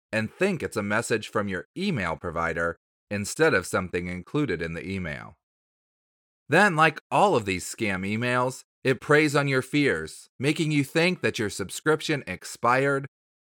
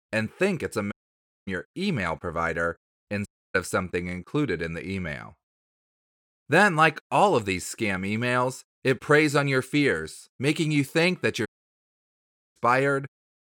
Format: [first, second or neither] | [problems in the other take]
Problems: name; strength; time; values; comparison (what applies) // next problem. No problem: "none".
first | audio cutting out; at 1 s for 0.5 s, at 3.5 s and at 11 s for 1 s